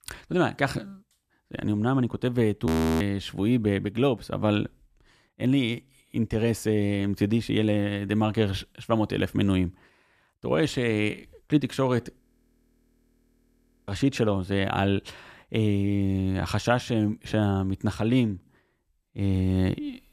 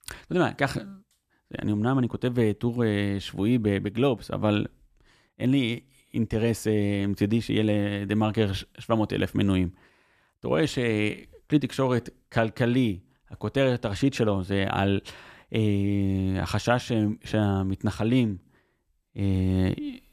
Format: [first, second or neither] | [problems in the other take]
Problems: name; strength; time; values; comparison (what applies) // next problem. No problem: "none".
second | audio freezing; at 2.5 s and at 12 s for 1.5 s